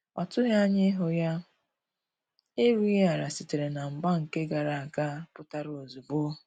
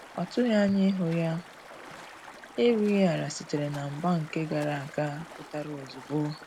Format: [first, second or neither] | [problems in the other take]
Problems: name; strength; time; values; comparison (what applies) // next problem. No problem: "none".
first | background sound (Stream); 17 dB below the speech